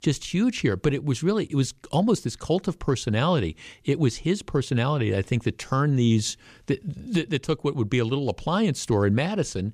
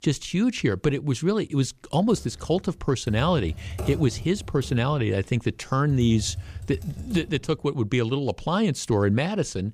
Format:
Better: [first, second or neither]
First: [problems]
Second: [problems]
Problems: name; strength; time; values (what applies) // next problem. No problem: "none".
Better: first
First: none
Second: keyboard typing; noticeable; from 2 to 7.5 s; peak 7 dB below the speech